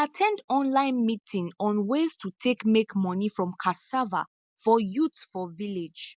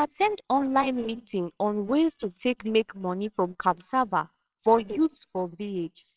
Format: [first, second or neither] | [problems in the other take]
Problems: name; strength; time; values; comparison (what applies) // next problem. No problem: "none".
first | noise reduction (neural separator model SepFormer WHAMR!)